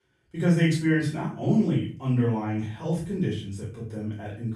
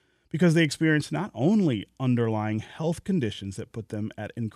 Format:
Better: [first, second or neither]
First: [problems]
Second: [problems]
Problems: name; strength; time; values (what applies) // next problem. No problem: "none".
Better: second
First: off-mic speech; far // room echo; noticeable; dies away in 0.4 s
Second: none